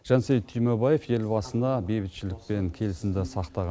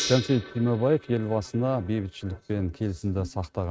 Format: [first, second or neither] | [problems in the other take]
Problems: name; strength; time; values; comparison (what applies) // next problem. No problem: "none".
first | noise reduction (neural mask model RNNoise)